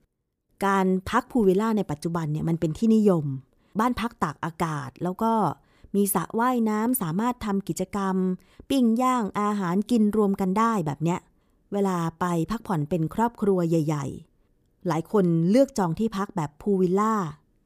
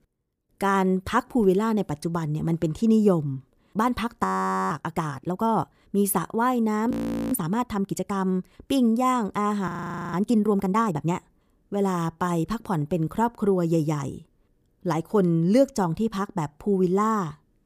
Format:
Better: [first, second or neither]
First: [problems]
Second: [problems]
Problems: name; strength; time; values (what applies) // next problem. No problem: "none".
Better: first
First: none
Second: audio freezing; at 4 s, at 7 s and at 9.5 s